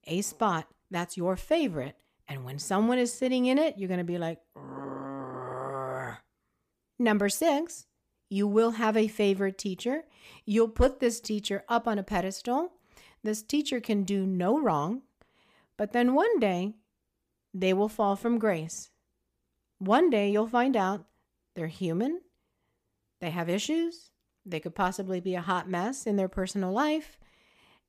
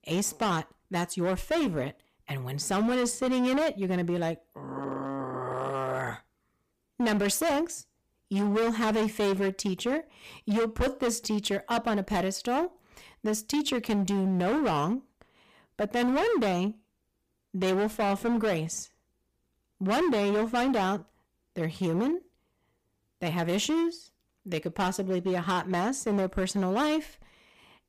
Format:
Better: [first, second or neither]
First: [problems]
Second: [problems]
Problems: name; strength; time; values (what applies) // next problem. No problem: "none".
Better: first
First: none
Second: distortion; heavy; 16% of the sound clipped